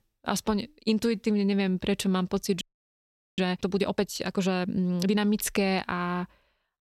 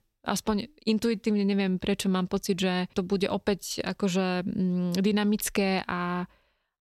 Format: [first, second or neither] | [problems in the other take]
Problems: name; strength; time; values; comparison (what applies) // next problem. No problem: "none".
second | audio freezing; at 2.5 s for 1 s